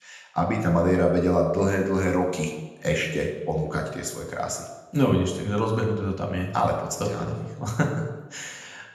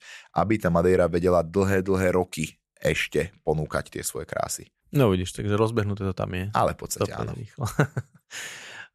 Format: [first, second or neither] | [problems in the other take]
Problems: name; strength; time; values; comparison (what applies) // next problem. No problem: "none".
second | room echo; noticeable; dies away in 0.9 s // off-mic speech; somewhat distant